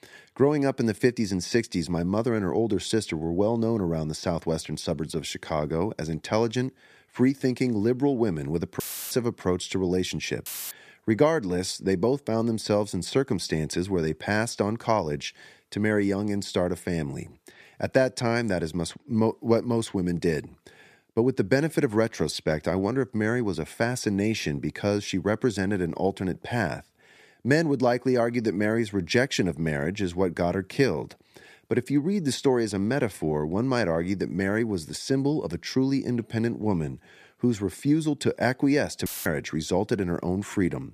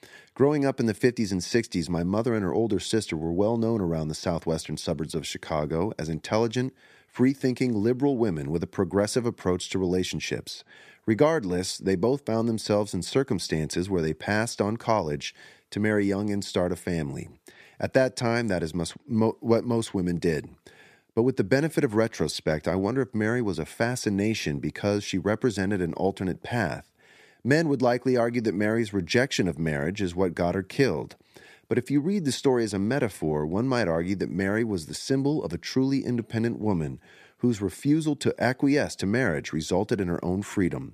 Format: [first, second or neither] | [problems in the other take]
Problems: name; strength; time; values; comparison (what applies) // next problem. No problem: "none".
second | audio cutting out; filled with static; at 9 s, at 10 s and at 39 s